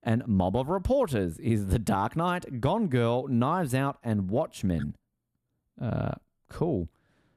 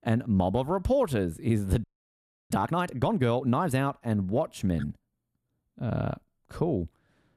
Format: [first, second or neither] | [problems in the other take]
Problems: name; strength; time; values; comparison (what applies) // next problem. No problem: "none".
first | audio freezing; at 2 s for 0.5 s